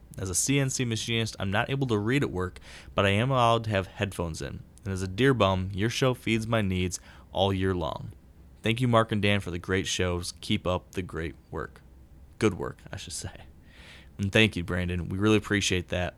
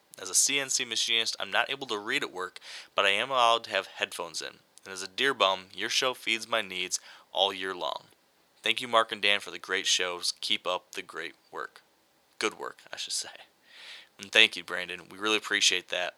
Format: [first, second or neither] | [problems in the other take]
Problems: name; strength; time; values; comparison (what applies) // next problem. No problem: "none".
first | thin; very; fading below 600 Hz